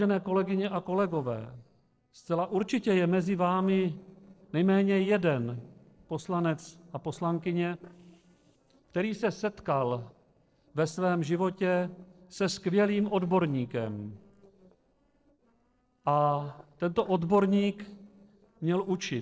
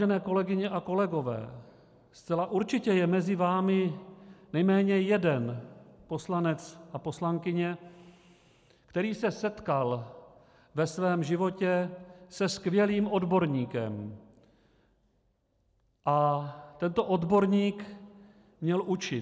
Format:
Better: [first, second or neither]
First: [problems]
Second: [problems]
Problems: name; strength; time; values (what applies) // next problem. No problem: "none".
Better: second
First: noise reduction (neural separator model SepFormer DNS4)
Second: none